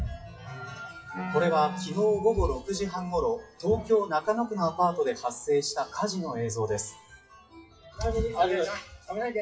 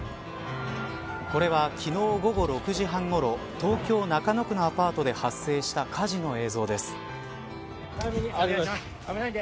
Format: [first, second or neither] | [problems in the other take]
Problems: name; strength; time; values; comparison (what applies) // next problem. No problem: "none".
second | noise reduction (classical method WPE with log-MMSE)